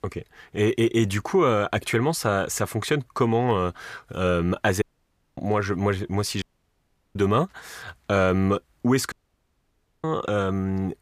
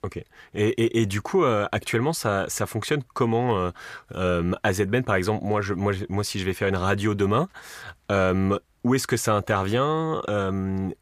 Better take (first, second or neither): second